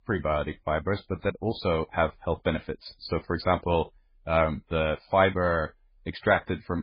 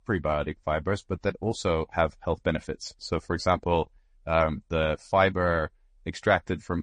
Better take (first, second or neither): second